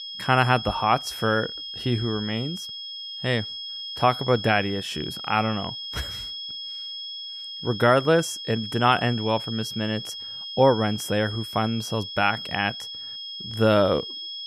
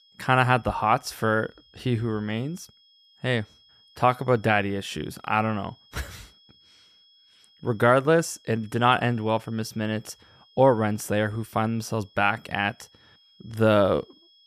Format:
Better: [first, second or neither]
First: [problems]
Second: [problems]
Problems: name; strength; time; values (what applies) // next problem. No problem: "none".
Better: second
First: high-pitched whine; loud; throughout; 3.5 kHz, 8 dB below the speech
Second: high-pitched whine; faint; throughout; 3.5 kHz, 30 dB below the speech